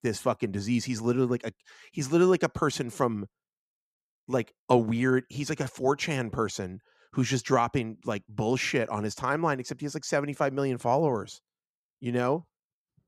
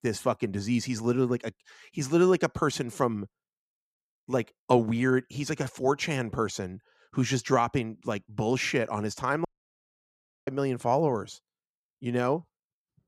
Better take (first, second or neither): first